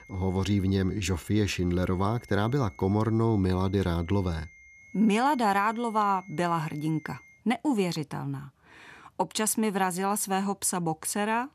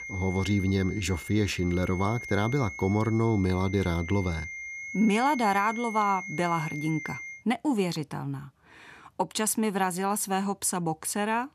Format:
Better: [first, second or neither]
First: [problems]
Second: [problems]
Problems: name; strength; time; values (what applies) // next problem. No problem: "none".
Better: first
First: high-pitched whine; faint; until 7.5 s; 2 kHz, 25 dB below the speech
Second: high-pitched whine; loud; until 7.5 s; 2 kHz, 10 dB below the speech